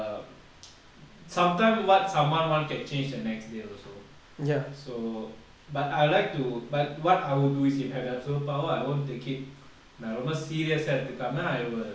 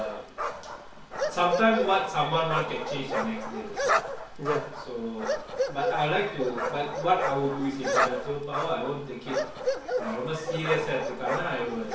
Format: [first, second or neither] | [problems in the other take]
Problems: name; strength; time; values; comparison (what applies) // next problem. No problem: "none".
first | background sound (Bark); 2 dB below the speech // room echo; dies away in 0.2 s